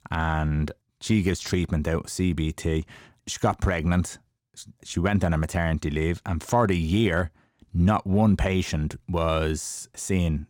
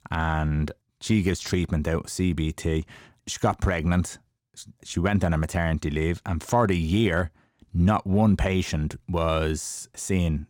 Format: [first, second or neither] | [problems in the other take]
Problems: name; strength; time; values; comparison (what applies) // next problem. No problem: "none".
neither | none